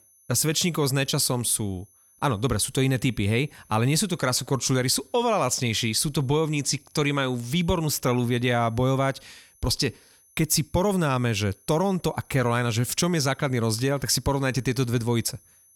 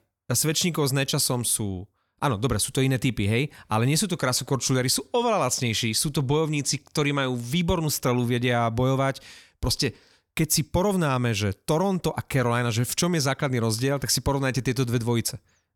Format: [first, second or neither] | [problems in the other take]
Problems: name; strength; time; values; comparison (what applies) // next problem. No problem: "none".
second | high-pitched whine; faint; throughout; 10.5 kHz, 30 dB below the speech